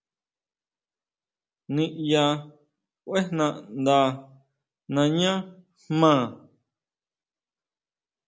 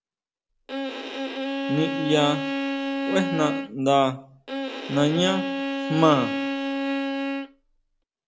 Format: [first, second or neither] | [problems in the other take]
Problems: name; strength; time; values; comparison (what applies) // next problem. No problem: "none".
first | background sound (Bowed string instrument); 2 dB below the speech